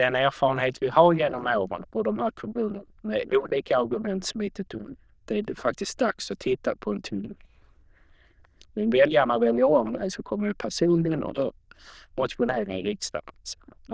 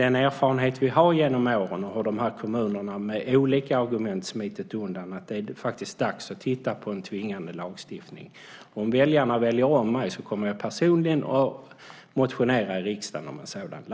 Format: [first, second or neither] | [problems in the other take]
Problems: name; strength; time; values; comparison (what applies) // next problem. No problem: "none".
second | noise reduction (neural diffusion model UNIVERSE++)